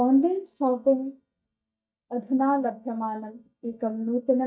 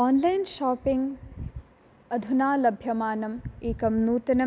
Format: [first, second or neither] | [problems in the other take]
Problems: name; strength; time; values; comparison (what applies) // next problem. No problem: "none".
second | noise reduction (neural mask model DeepFilterNet 3)